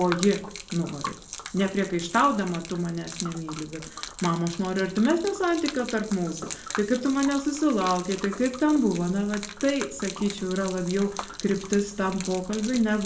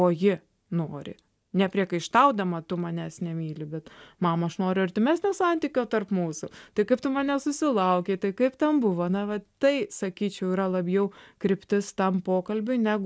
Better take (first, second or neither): second